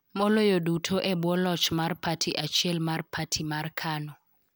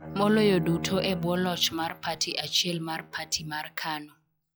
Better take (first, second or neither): first